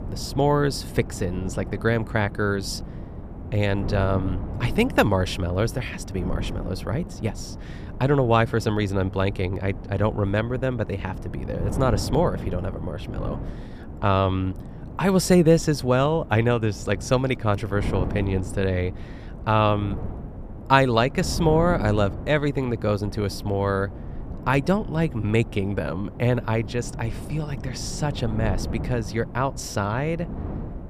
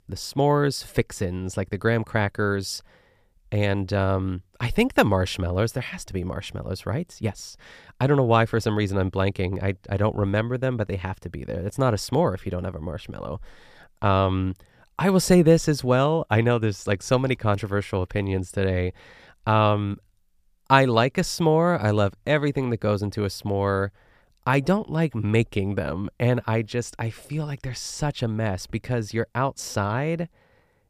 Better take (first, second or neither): second